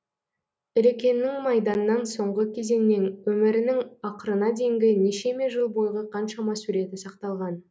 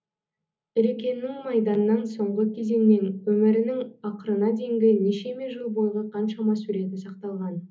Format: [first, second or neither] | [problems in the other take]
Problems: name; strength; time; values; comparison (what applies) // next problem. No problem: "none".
first | room echo; dies away in 0.4 s